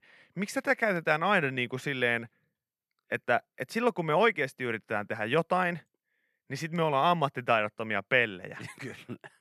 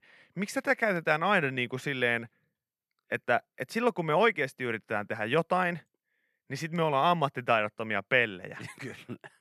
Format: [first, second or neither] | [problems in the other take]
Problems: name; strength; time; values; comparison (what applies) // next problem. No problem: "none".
neither | none